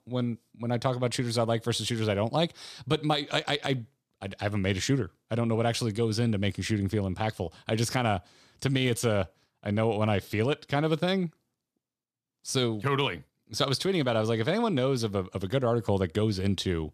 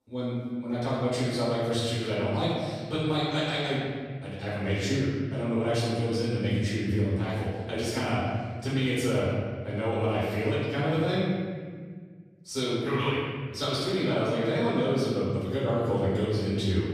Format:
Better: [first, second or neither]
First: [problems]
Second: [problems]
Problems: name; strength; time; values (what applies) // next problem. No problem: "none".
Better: first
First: none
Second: off-mic speech; far // room echo; strong; dies away in 1.7 s